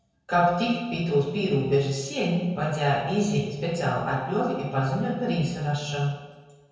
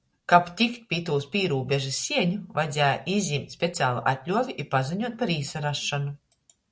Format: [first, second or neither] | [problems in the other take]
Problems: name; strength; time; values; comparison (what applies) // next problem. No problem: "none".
second | room echo; dies away in 1.2 s